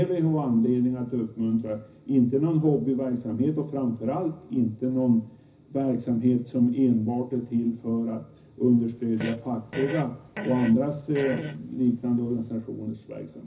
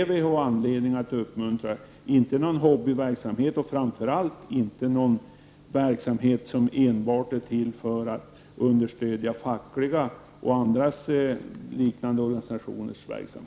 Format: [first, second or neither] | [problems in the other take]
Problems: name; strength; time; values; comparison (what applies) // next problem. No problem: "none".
second | background sound (Fart); 13 dB below the speech // room echo; dies away in 0.4 s